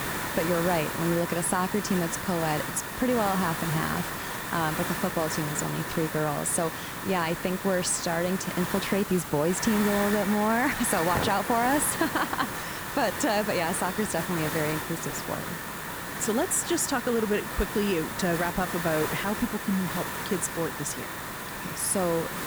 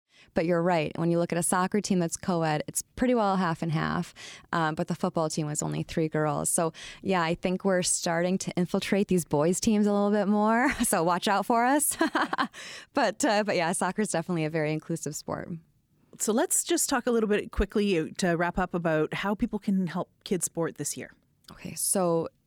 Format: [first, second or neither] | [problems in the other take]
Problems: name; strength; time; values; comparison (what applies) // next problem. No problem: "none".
second | hiss; loud; throughout; 4 dB below the speech